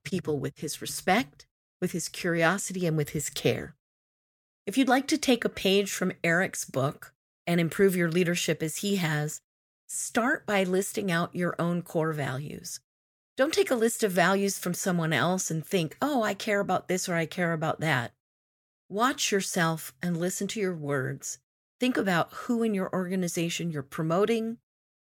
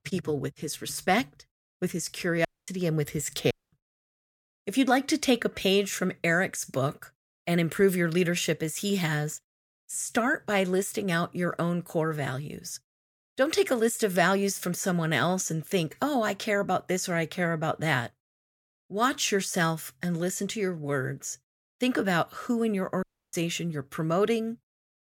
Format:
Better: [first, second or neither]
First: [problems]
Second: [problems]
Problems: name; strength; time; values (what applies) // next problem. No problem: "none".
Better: first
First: none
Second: audio cutting out; at 2.5 s, at 3.5 s and at 23 s